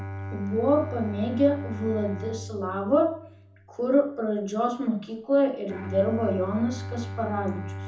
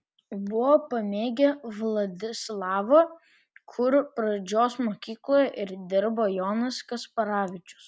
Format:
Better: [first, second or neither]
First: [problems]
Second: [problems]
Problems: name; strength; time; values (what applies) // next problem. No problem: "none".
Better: second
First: background sound (Bowed string instrument); 10 dB below the speech // room echo; dies away in 0.6 s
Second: none